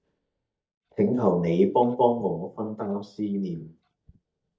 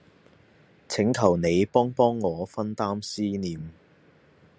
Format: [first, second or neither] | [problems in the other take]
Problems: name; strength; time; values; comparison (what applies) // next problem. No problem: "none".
second | noise reduction (neural mask model DeepFilterNet 3)